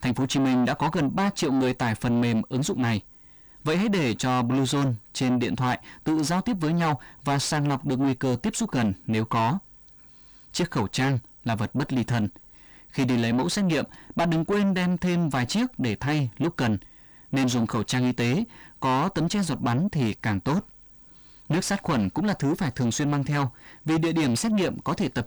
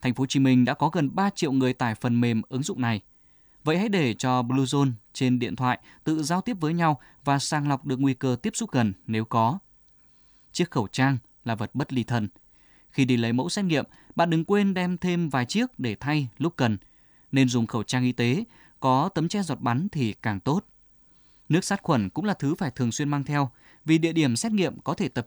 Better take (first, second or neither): second